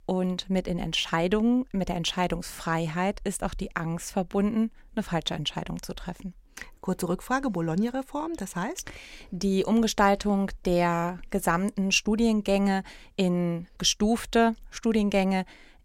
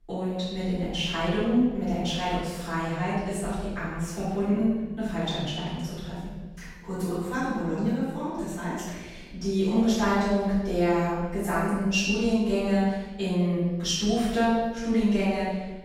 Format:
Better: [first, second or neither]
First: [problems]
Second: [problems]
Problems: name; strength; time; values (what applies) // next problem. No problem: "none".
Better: first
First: none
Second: off-mic speech; far // room echo; strong; dies away in 1.5 s